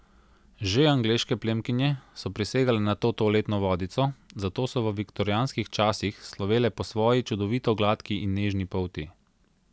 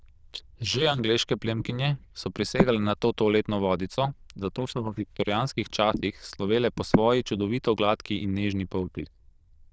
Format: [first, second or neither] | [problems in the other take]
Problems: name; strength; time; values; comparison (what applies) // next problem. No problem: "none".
first | noise reduction (neural diffusion model UNIVERSE++)